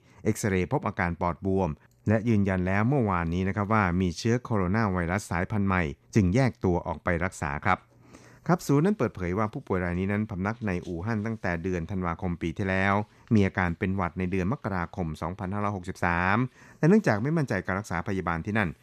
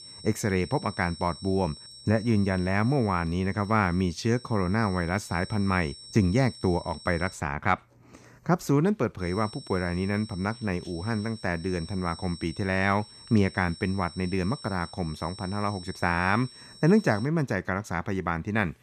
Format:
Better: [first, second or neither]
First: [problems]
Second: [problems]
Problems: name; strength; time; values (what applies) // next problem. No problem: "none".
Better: first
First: none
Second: high-pitched whine; noticeable; until 7.5 s and from 9 to 17 s; 5.5 kHz, 15 dB below the speech